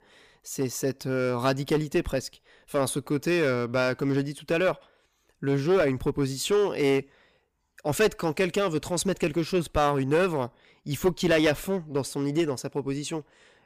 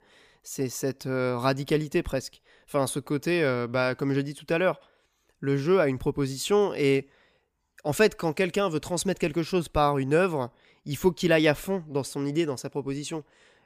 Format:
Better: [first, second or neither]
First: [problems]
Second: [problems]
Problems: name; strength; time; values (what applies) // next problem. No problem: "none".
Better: second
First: distortion; slight; 4% of the sound clipped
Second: none